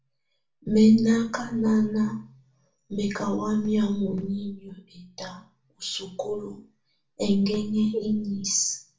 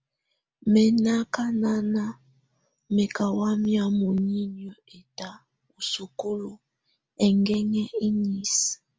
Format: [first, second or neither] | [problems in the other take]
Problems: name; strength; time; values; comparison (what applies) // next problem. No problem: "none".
second | room echo; dies away in 0.3 s